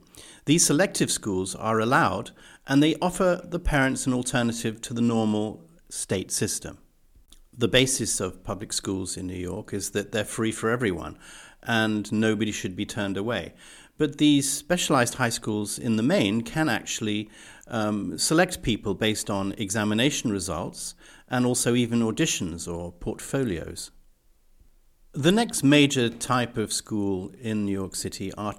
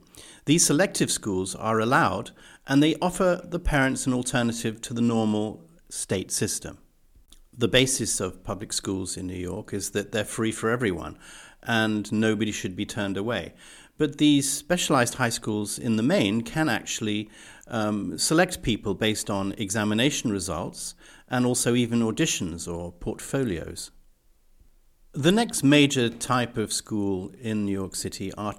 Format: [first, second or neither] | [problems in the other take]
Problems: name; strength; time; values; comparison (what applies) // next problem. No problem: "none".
neither | none